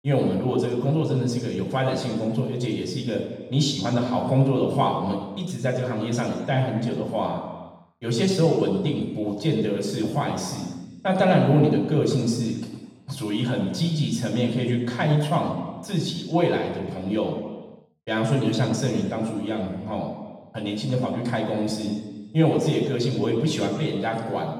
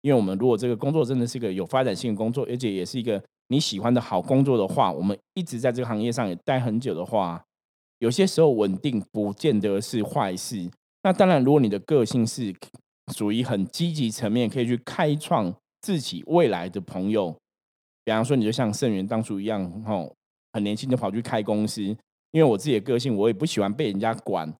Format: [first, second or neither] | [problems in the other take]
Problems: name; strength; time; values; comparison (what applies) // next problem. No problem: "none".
second | room echo; noticeable; dies away in 1.1 s // off-mic speech; far